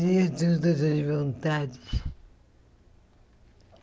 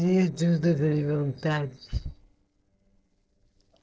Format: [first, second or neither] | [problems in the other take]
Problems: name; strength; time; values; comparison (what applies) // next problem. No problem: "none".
first | noise reduction (neural separator model SepFormer DNS4)